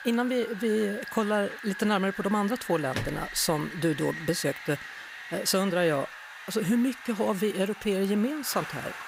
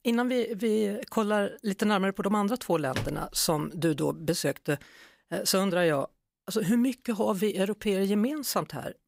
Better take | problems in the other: second | wind noise on the microphone; heavy; 8 dB below the speech

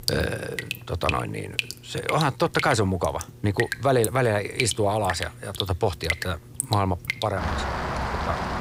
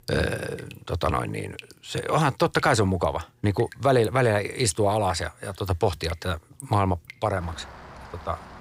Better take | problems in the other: second | rain or running water; loud; throughout; 5 dB below the speech; faint in the second

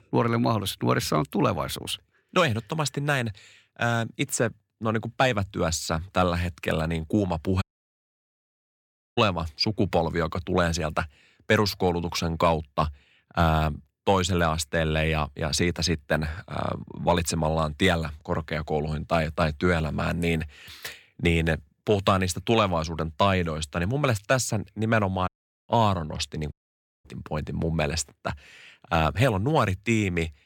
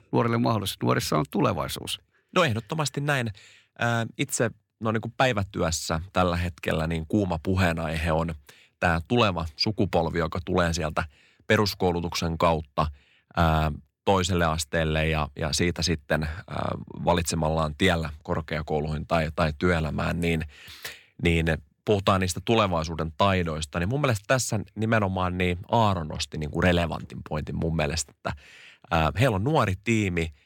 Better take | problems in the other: second | audio cutting out; at 7.5 s for 1.5 s, at 25 s and at 27 s for 0.5 s

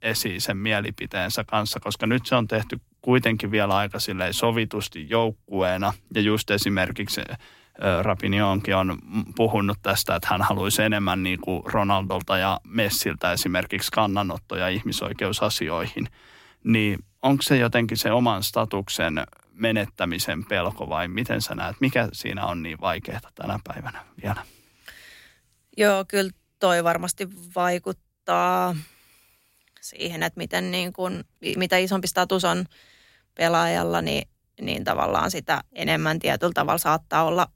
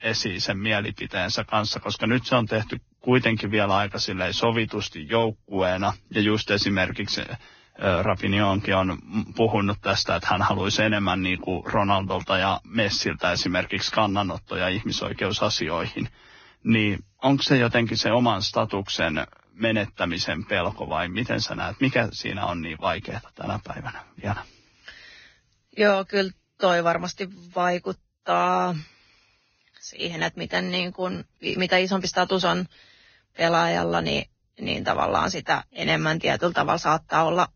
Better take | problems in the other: first | garbled, watery; badly; nothing above 6.5 kHz

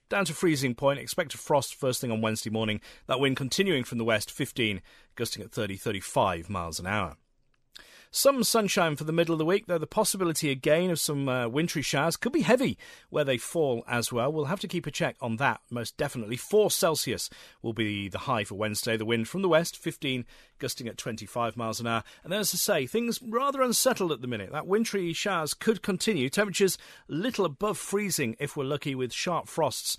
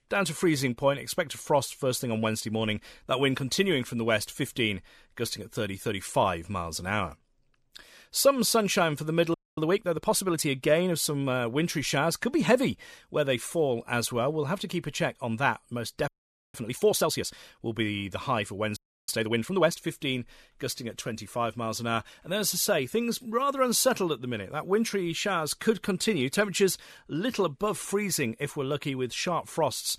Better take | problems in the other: first | audio freezing; at 9.5 s, at 16 s and at 19 s

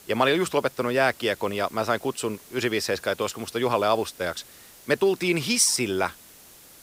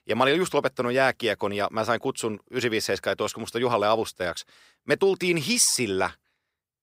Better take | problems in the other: second | hiss; faint; throughout; 20 dB below the speech

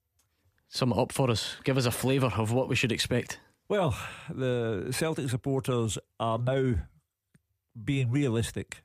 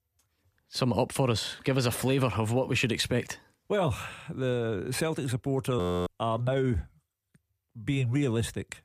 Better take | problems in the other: first | audio freezing; at 6 s

